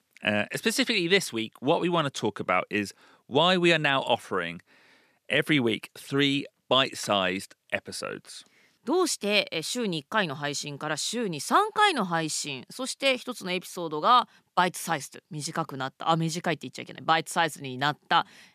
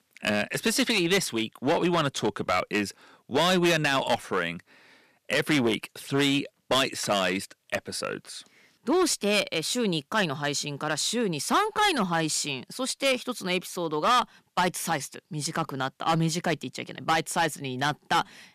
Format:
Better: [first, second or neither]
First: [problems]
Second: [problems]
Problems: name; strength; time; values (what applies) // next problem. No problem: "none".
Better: first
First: none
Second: distortion; heavy; 7% of the sound clipped